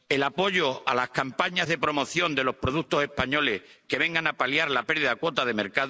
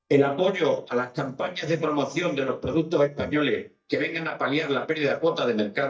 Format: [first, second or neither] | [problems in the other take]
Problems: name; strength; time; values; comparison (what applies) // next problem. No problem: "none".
first | noise reduction (neural mask model DeepFilterNet 3)